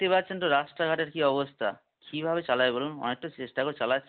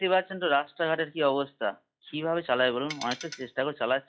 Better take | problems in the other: first | noise reduction (classical method log-MMSE)

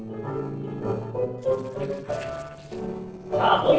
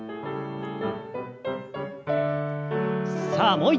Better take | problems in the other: second | noise reduction (neural separator model SepFormer DNS4)

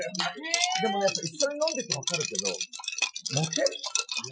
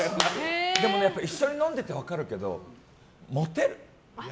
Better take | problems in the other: second | noise reduction (classical method Wiener filter)

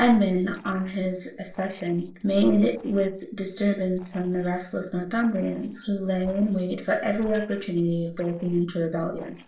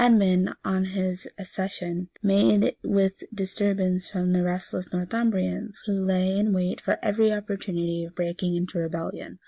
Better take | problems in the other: second | noise reduction (neural separator model SepFormer DNS4)

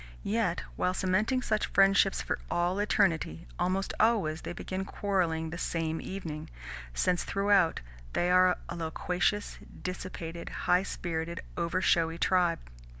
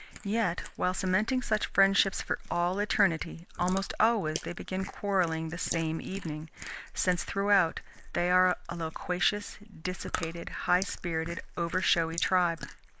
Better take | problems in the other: first | noise reduction (neural mask model Resemble Enhance denoiser)

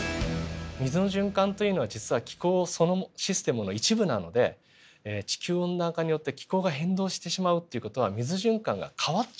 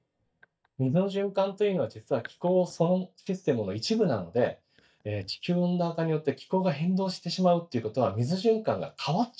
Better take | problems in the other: first | noise reduction (neural mask model DeepFilterNet 3)

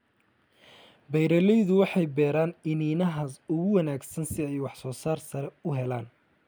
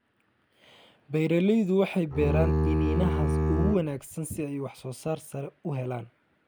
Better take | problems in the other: first | background sound (Bowed string instrument); 3 dB above the speech

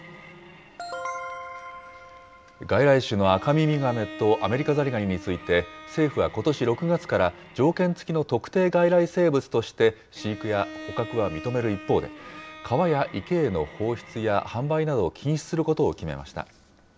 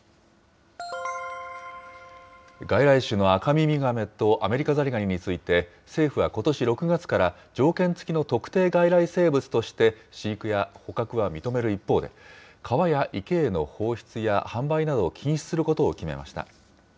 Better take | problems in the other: second | background sound (Bowed string instrument); 18 dB below the speech

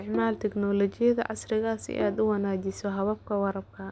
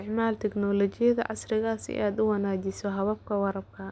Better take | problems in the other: second | background sound (Bowed string instrument); 15 dB below the speech

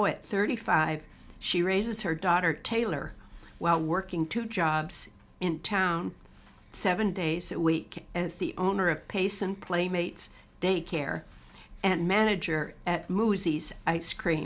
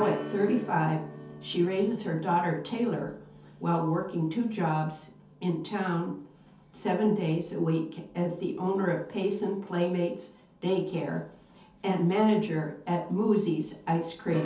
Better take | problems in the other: first | background sound (Strum); 18 dB below the speech // room echo; dies away in 0.5 s

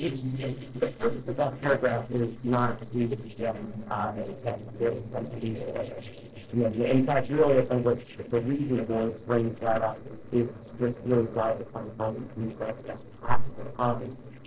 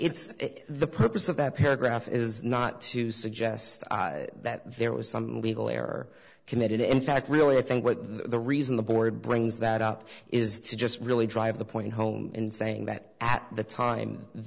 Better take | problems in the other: second | noise reduction (neural separator model SepFormer DNS4)

